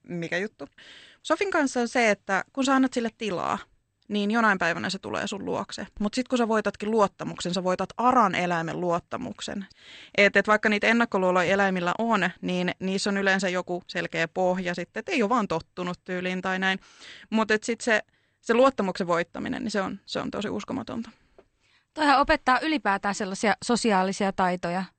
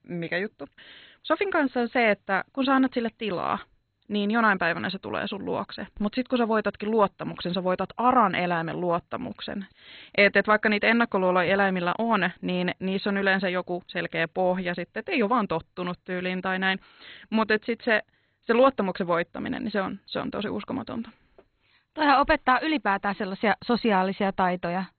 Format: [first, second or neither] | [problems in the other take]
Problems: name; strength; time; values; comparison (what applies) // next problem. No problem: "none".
first | garbled, watery; badly; nothing above 4 kHz; slightly in the first